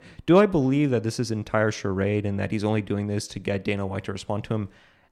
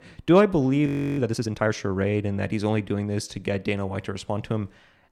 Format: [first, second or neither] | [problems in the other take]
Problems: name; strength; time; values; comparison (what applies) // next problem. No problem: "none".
first | audio freezing; at 1 s